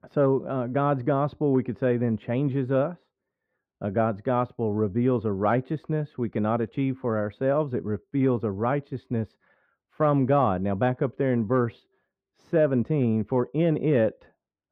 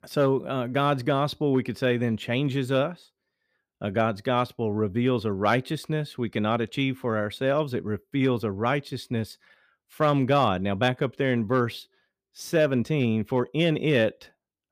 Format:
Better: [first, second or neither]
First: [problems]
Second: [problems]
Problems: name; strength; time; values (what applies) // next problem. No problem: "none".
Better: second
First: muffled; very; fading above 3.5 kHz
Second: none